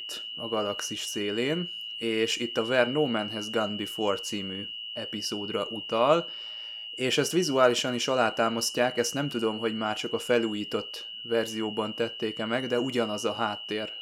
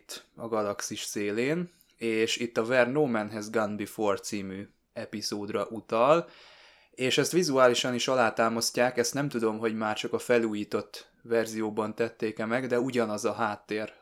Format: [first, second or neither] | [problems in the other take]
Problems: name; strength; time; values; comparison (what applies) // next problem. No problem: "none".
second | high-pitched whine; loud; throughout; 3 kHz, 8 dB below the speech